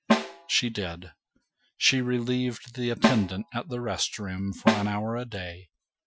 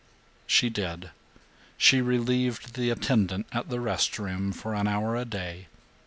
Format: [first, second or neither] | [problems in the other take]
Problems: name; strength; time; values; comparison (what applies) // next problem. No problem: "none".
second | noise reduction (classical method Wiener filter)